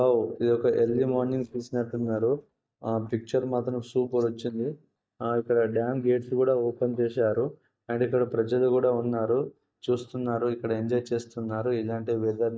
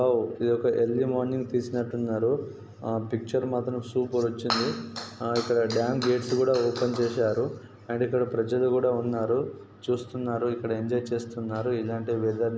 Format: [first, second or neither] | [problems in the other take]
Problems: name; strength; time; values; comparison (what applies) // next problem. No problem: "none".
second | noise reduction (neural mask model DeepFilterNet 3)